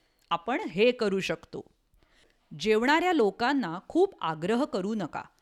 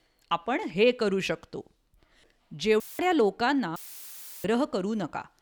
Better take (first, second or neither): first